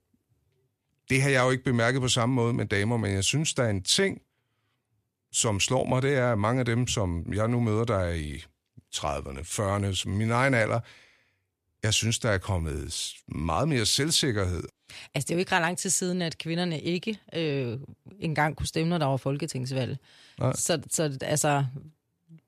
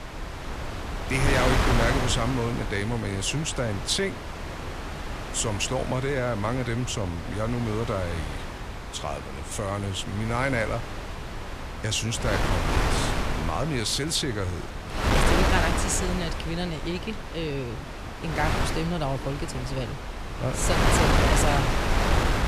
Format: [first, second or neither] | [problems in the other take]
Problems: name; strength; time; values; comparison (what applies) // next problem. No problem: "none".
first | wind noise on the microphone; heavy; 1 dB below the speech